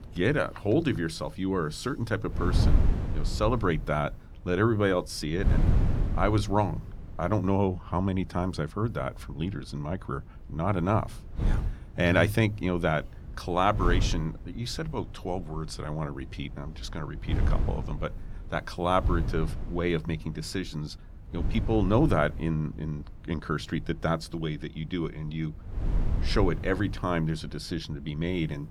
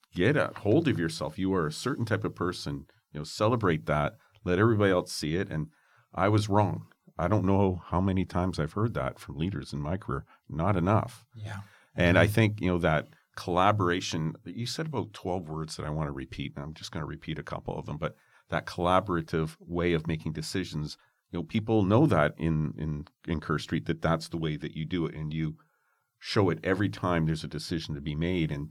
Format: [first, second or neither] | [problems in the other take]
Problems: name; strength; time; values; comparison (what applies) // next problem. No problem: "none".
second | wind noise on the microphone; occasional gusts; 15 dB below the speech